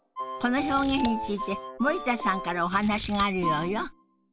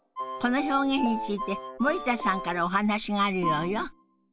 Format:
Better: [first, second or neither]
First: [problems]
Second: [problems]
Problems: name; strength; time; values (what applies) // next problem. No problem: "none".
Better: second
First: background sound (Scissors); 15 dB below the speech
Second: none